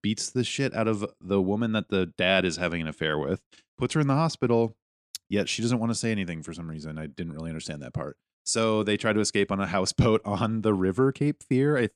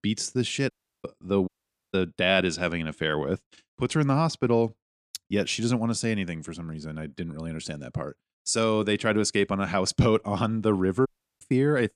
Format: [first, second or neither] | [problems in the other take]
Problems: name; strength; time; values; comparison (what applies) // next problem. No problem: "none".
first | audio cutting out; at 0.5 s, at 1.5 s and at 11 s